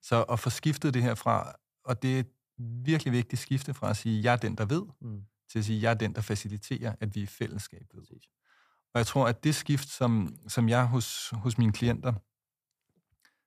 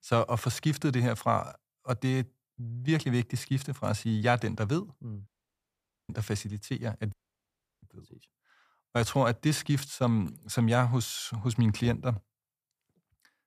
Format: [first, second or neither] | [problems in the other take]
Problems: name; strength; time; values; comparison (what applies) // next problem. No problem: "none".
first | audio cutting out; at 5.5 s for 1 s and at 7 s for 0.5 s